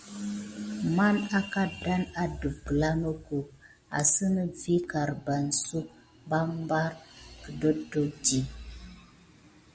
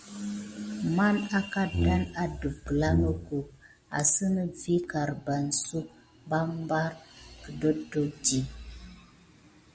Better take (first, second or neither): first